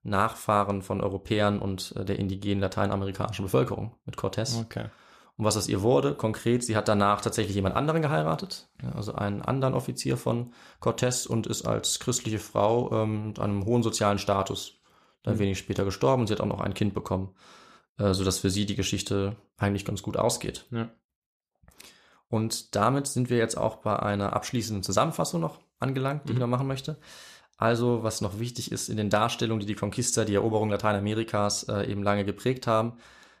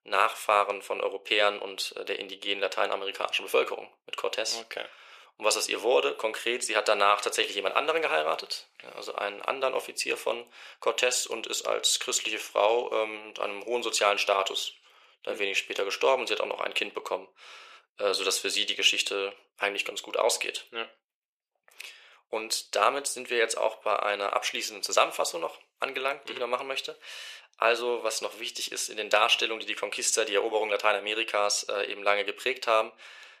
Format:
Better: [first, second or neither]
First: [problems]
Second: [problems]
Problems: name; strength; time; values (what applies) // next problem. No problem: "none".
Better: first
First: none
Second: thin; very; fading below 450 Hz